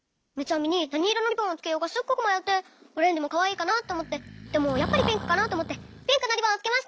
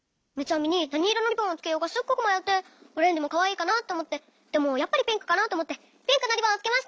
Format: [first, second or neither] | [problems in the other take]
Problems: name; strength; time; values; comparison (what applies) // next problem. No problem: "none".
second | background sound (Breathing); 9 dB below the speech